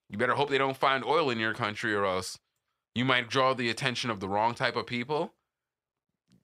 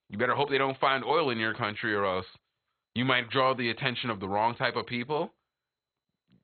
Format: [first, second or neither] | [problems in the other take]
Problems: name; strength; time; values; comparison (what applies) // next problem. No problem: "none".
first | garbled, watery; badly; nothing above 4 kHz